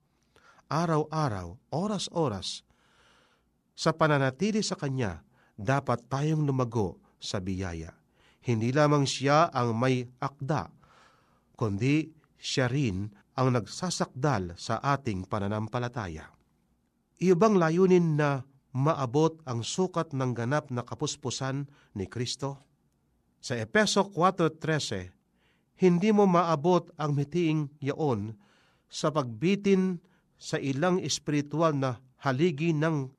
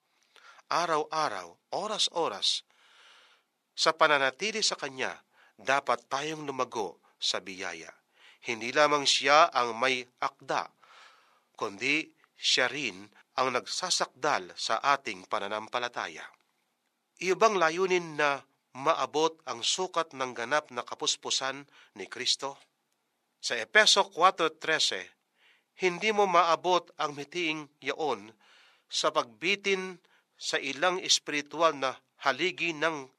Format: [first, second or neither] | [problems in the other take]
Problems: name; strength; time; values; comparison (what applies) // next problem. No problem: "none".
first | thin; very; fading below 550 Hz